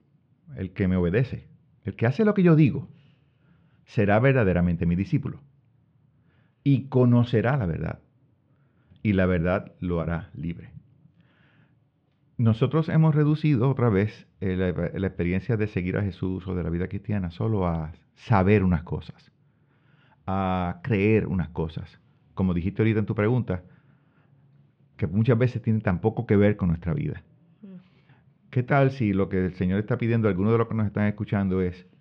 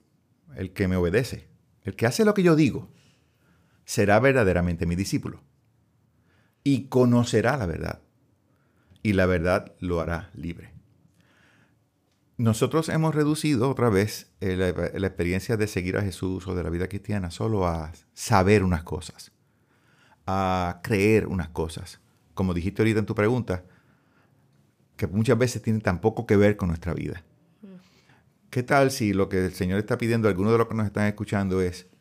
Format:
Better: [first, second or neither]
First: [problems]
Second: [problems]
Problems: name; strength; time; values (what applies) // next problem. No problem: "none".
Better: second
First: muffled; very; fading above 3.5 kHz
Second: none